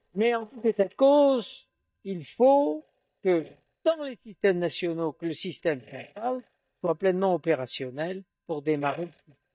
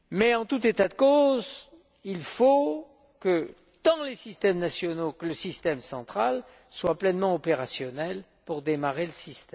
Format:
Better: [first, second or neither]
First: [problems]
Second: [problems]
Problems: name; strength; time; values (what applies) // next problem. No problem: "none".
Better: second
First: noise reduction (neural mask model DeepFilterNet 3)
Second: none